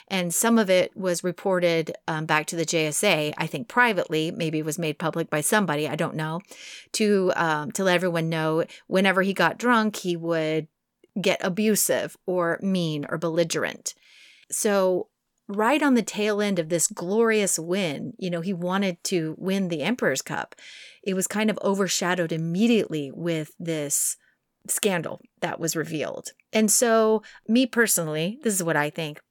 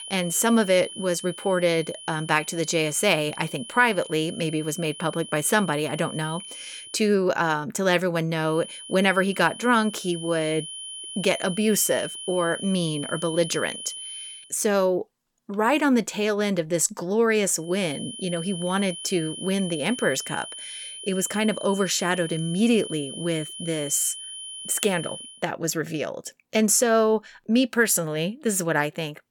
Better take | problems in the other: first | high-pitched whine; noticeable; until 7 s, from 8.5 to 14 s and from 18 to 25 s; 3 kHz, 10 dB below the speech

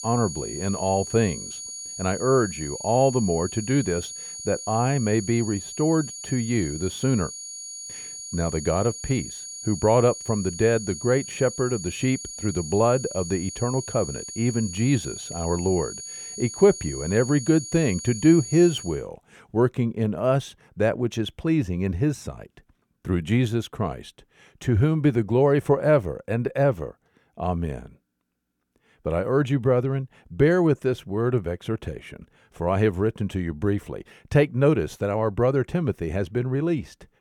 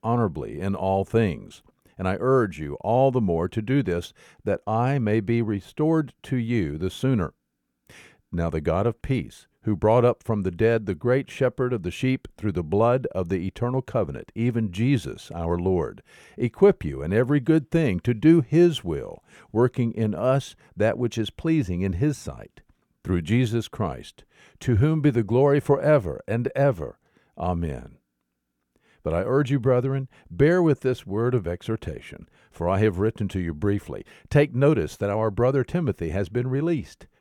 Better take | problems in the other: second | high-pitched whine; loud; until 19 s; 6.5 kHz, 10 dB below the speech

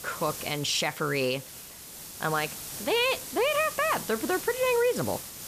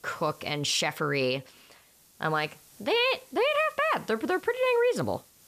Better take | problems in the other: second | hiss; loud; throughout; 10 dB below the speech; faint in the second

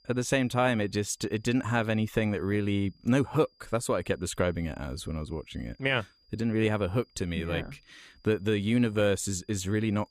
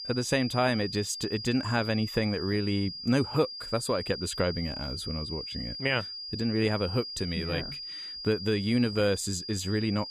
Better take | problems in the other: first | high-pitched whine; loud; throughout; 5 kHz, 7 dB below the speech; faint in the first

